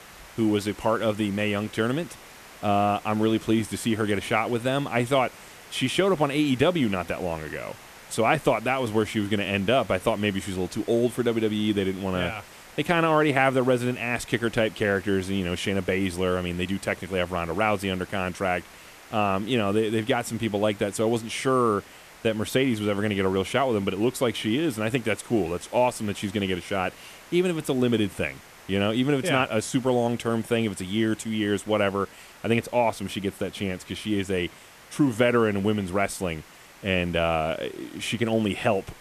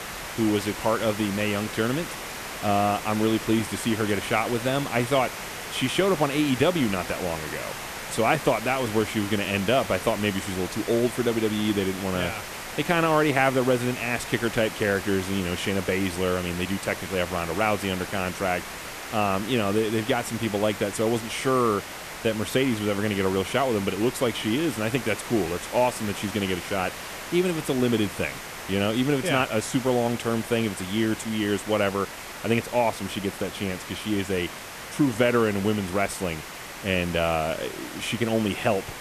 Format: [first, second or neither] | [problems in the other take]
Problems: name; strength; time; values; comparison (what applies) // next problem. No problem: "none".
first | hiss; loud; throughout; 9 dB below the speech; faint in the first